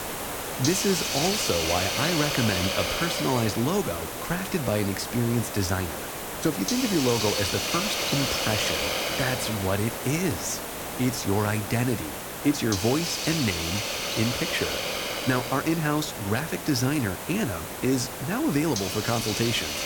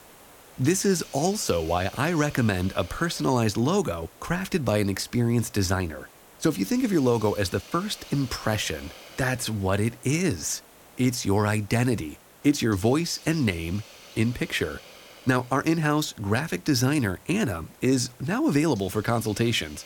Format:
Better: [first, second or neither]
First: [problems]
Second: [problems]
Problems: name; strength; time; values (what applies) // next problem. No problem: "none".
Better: second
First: hiss; loud; throughout; 1 dB below the speech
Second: hiss; faint; throughout; 20 dB below the speech